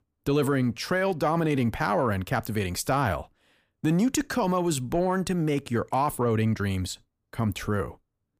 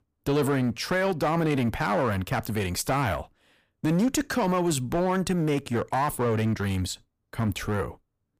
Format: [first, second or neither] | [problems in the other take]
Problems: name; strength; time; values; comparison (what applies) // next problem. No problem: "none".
first | distortion; slight; 10% of the sound clipped